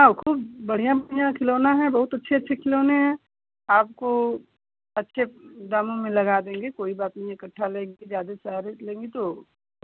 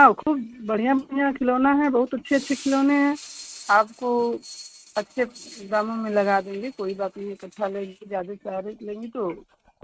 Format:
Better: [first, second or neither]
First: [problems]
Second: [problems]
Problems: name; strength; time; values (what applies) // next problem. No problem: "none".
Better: first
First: none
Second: noise reduction (neural mask model RNNoise)